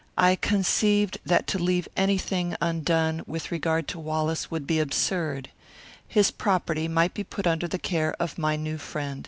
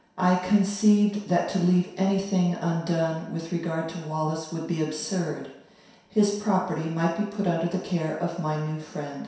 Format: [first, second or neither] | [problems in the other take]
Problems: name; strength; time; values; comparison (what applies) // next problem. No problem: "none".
first | room echo; dies away in 0.7 s